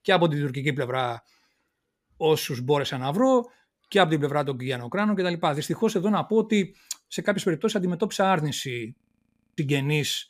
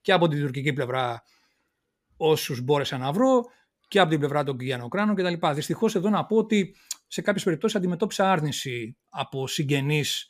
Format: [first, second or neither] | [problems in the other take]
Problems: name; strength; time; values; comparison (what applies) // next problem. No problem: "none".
second | audio freezing; at 9 s for 0.5 s